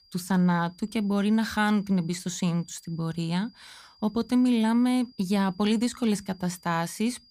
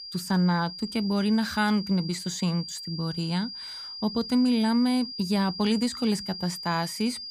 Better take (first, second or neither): first